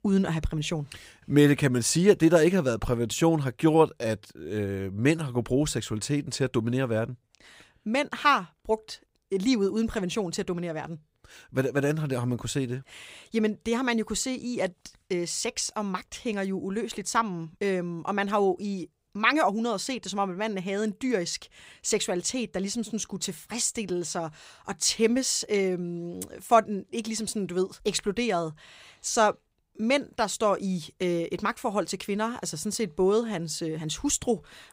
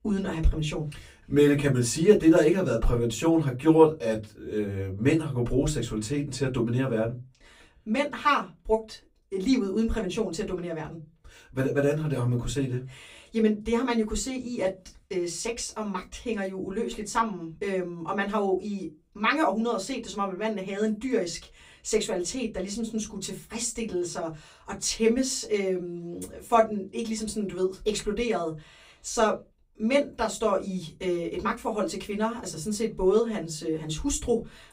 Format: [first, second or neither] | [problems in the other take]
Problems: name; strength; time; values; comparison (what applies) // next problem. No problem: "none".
first | off-mic speech; far // room echo; very slight; dies away in 0.2 s